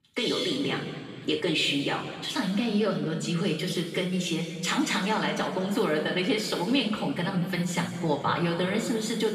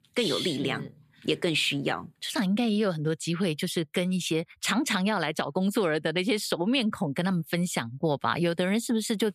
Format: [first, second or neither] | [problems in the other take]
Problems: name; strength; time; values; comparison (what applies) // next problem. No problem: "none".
second | room echo; noticeable; dies away in 2 s // off-mic speech; far